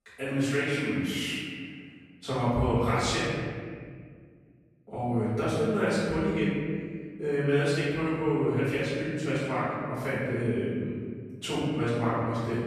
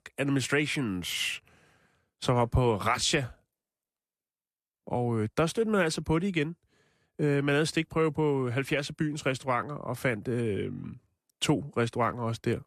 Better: second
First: room echo; strong; dies away in 2 s // off-mic speech; far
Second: none

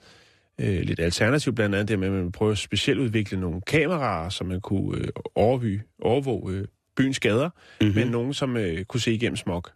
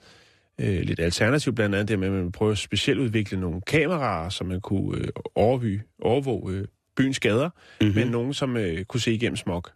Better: neither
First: none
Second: none

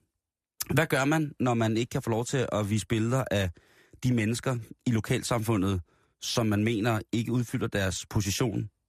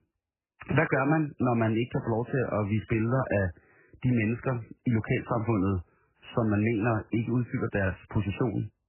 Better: first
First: none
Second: garbled, watery; badly; nothing above 3 kHz

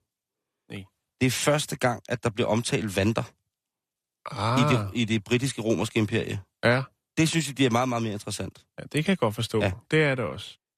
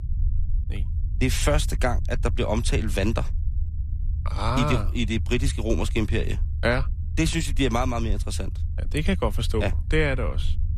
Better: first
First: none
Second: low rumble; noticeable; throughout; 20 dB below the speech

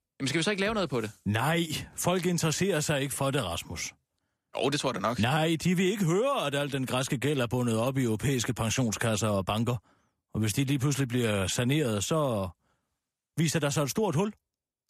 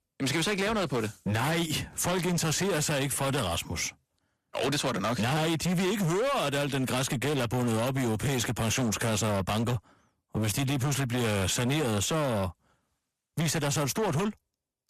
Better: first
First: none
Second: distortion; heavy; 27% of the sound clipped

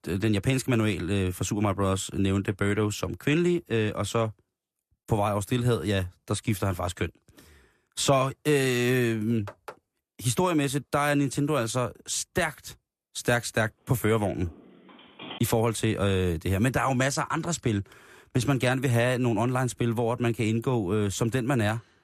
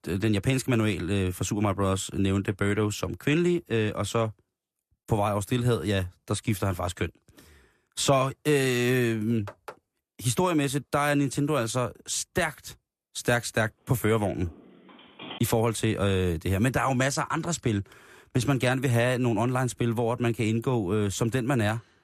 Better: neither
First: phone ringing; faint; from 14 to 15 s; peak 15 dB below the speech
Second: phone ringing; faint; from 14 to 15 s; peak 15 dB below the speech

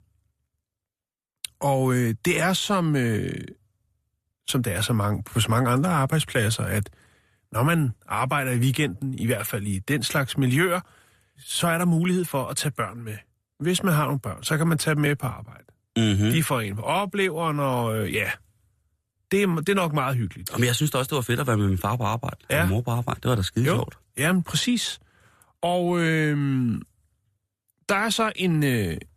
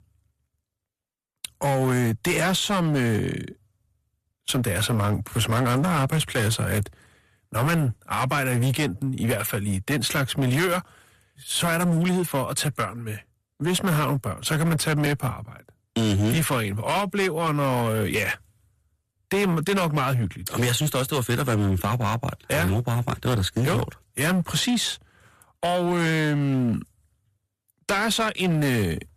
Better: first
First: none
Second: distortion; slight; 16% of the sound clipped

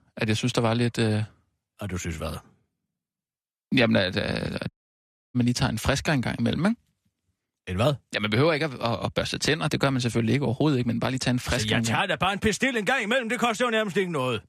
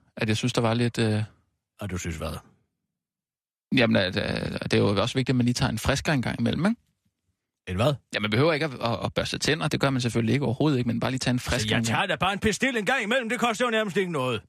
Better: second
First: audio cutting out; at 4.5 s for 0.5 s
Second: none

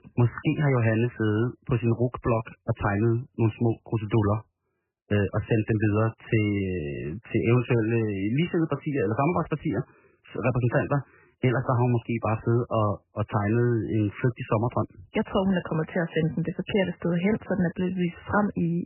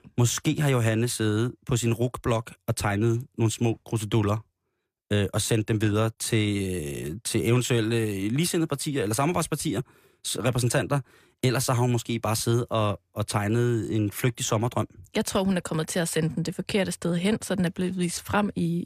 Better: second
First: garbled, watery; badly; nothing above 3 kHz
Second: none

